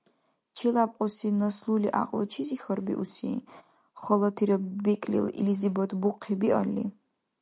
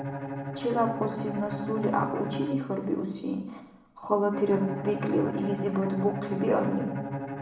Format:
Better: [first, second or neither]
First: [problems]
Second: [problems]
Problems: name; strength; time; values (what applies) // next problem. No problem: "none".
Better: first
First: none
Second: background sound (Bowed string instrument); 6 dB below the speech // room echo; dies away in 0.9 s